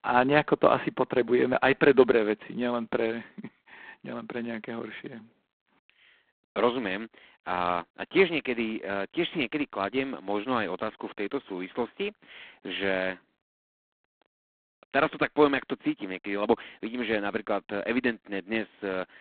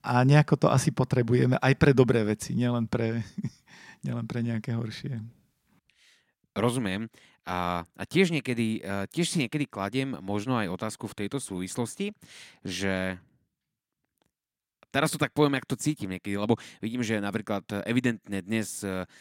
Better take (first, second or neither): second